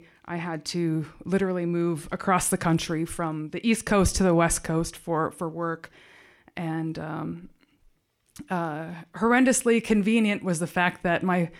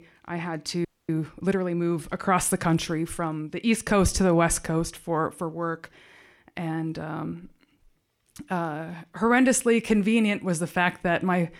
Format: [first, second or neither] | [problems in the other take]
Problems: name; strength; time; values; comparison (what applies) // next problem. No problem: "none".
first | audio freezing; at 1 s